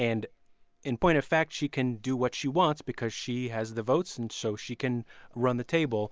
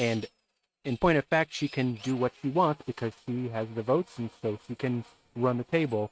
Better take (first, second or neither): first